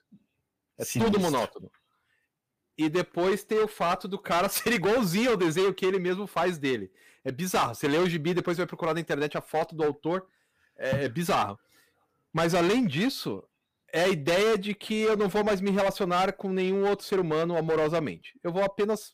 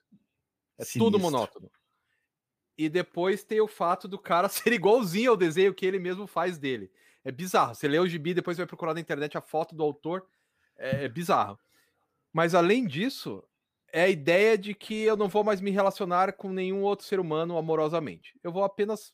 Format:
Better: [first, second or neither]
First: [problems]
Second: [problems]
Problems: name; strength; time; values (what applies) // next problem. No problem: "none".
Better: second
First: distortion; heavy; 13% of the sound clipped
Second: none